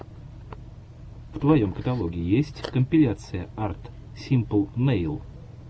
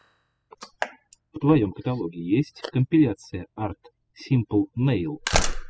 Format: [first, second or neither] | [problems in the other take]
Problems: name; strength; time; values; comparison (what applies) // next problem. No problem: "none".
first | noise reduction (classical method spectral subtraction)